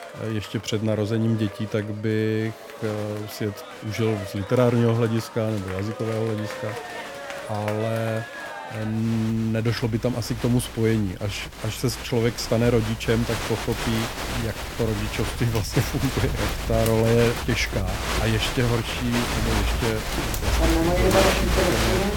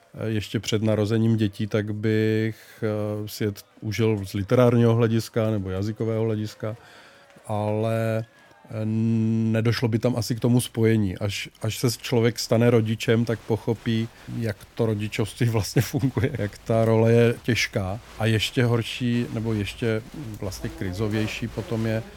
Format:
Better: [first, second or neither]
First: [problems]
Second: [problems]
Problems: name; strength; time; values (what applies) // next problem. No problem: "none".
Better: second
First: crowd noise; loud; throughout; 3 dB below the speech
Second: crowd noise; faint; throughout; 25 dB below the speech